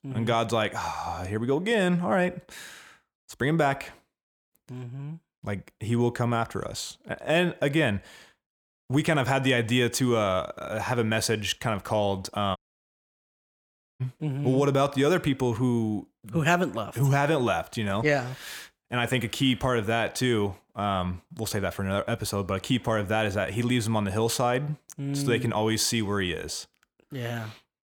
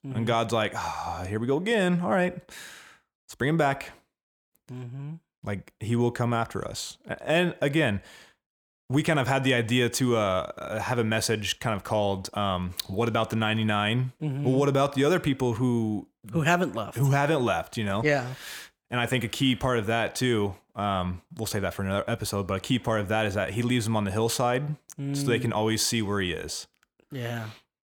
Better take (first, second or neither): second